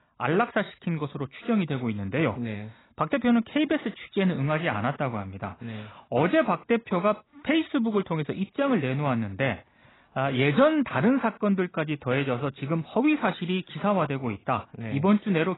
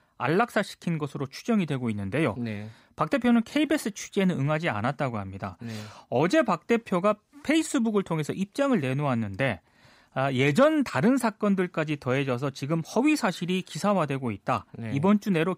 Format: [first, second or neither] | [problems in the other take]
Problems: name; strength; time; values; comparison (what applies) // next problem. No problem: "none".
second | garbled, watery; badly; nothing above 4 kHz